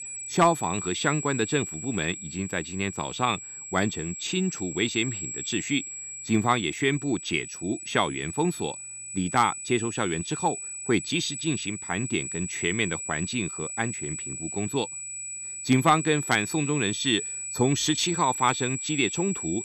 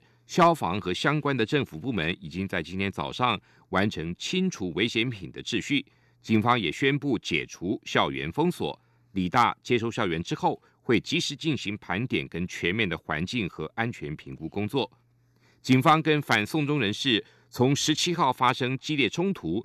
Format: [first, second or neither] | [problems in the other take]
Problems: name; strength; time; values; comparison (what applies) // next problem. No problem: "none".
second | high-pitched whine; loud; throughout; 8 kHz, 6 dB below the speech